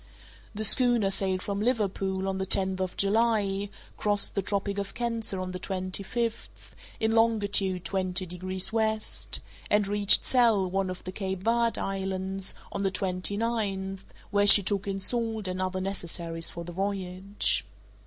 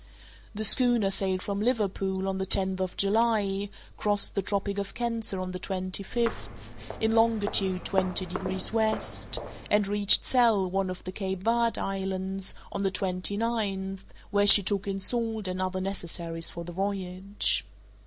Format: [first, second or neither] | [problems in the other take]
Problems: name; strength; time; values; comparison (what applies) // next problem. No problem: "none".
first | background sound (Walk, footsteps); 9 dB below the speech